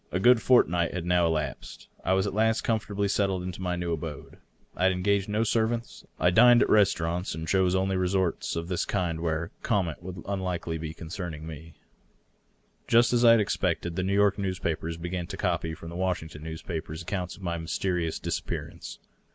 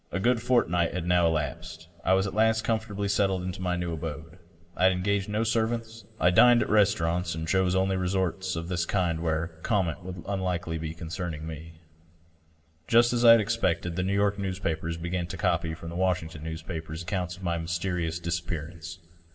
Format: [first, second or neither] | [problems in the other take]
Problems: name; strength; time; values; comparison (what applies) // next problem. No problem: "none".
first | room echo; dies away in 0.4 s